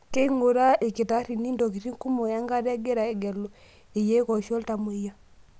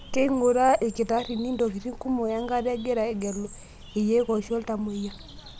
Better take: first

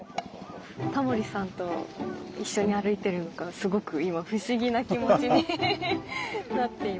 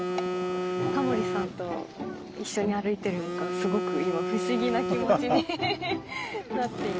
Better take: first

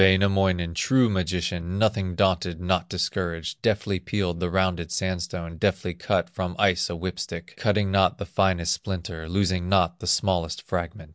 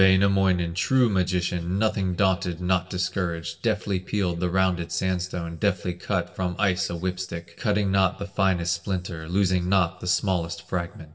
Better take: first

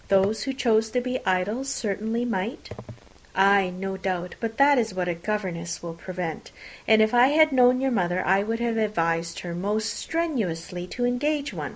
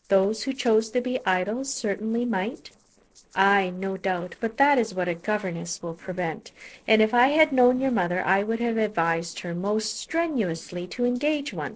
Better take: first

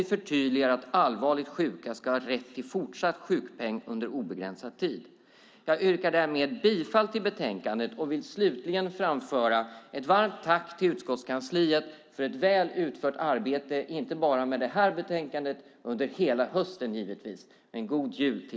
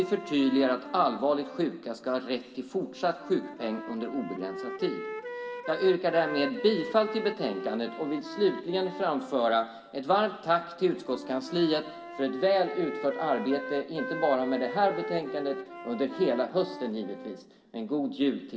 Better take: first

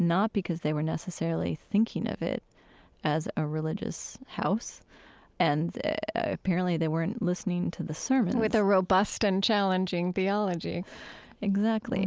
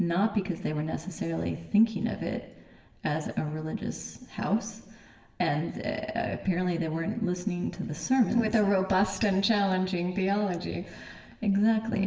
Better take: first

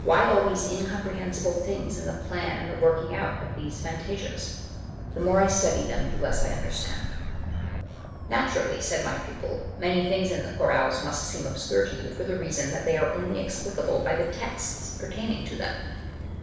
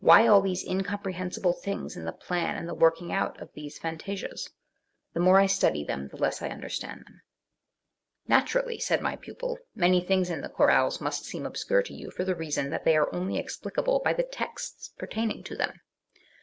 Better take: second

